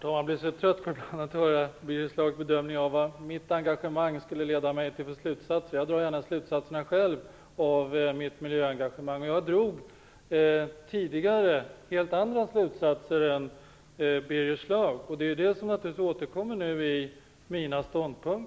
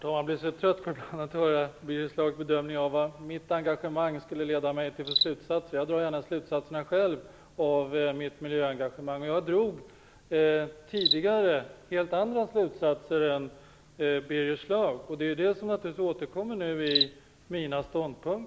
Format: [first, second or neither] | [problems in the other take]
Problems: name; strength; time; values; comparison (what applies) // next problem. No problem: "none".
first | background sound (Cricket); 11 dB below the speech